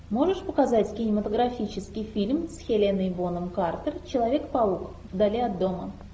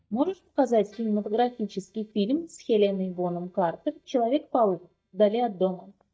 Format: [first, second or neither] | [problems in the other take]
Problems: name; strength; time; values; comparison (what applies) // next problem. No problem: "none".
first | noise reduction (neural mask model DeepFilterNet 3)